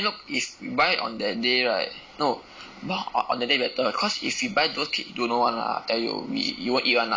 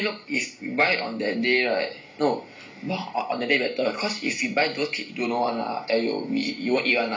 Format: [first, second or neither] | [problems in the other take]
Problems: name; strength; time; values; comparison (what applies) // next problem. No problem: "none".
first | room echo; dies away in 0.3 s